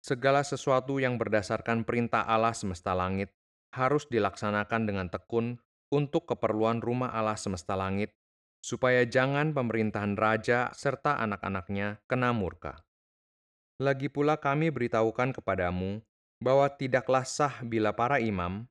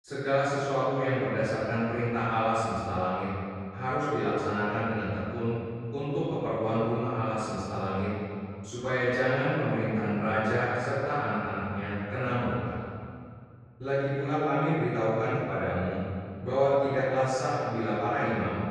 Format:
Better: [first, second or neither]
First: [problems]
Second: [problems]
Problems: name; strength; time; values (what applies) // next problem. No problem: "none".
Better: first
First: none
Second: room echo; strong; dies away in 2.2 s // off-mic speech; far